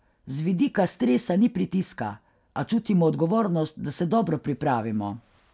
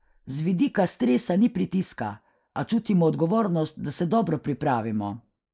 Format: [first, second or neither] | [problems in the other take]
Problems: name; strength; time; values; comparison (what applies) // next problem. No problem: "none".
first | noise reduction (neural mask model Resemble Enhance denoiser)